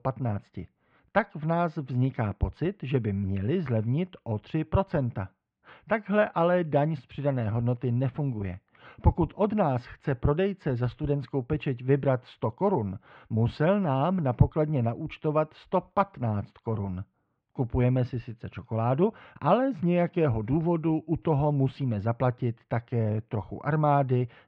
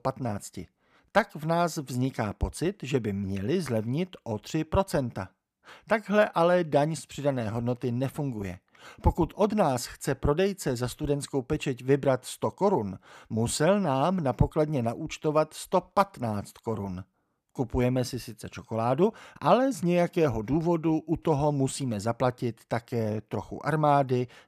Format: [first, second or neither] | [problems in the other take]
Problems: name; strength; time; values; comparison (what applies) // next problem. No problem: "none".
second | muffled; very; fading above 3 kHz